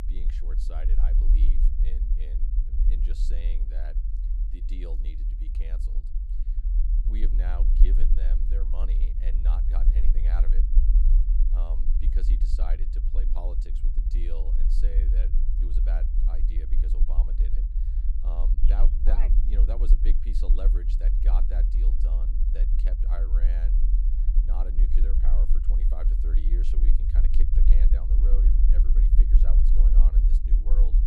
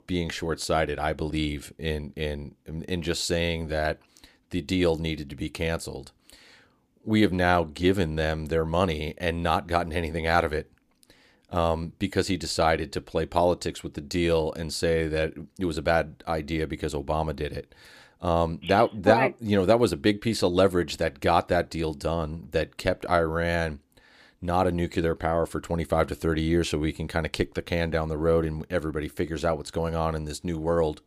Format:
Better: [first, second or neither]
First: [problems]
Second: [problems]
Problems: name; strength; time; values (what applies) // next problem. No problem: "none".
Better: second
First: low rumble; loud; throughout; 2 dB below the speech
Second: none